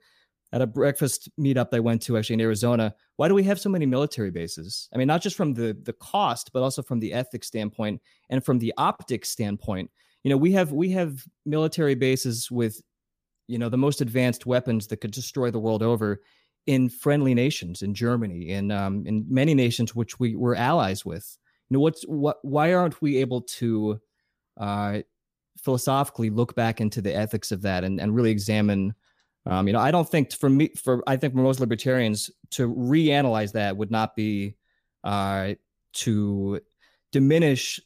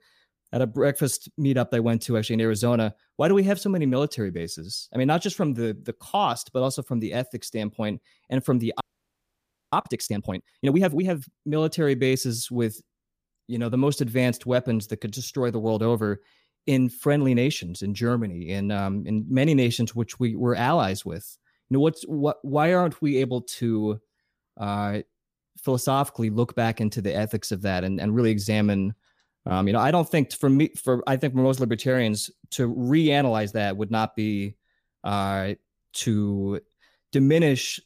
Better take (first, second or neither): first